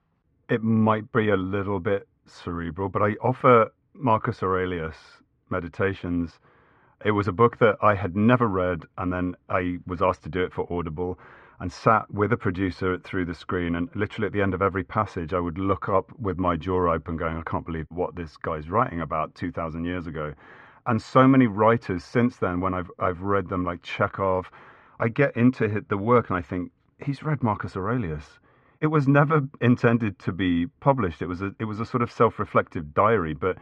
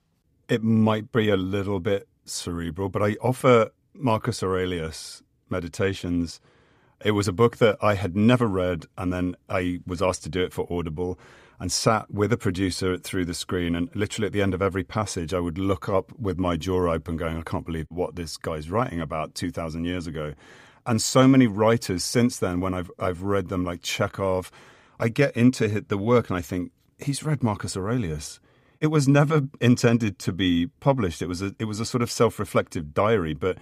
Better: second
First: muffled; very; fading above 2 kHz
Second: none

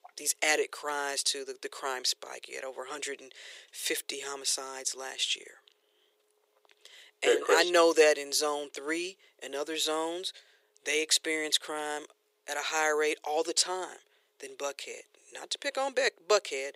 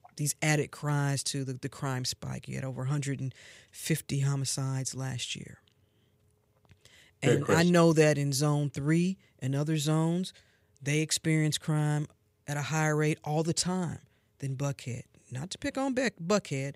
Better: second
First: thin; very; fading below 400 Hz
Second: none

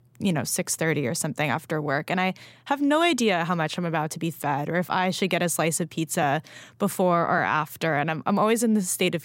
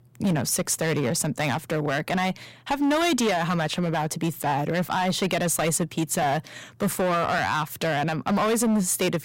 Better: first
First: none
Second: distortion; heavy; 14% of the sound clipped

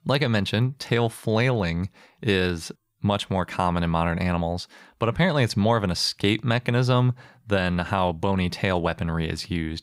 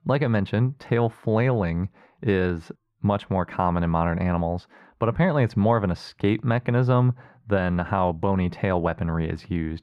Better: first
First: none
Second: muffled; very; fading above 3 kHz

